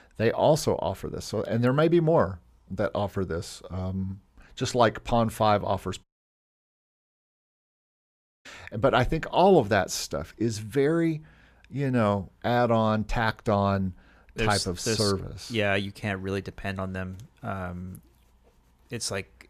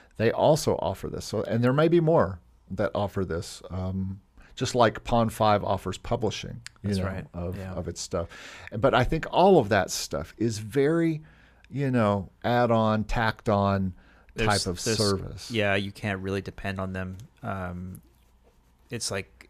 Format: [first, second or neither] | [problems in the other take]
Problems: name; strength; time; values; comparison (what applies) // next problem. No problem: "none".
second | audio cutting out; at 6 s for 2.5 s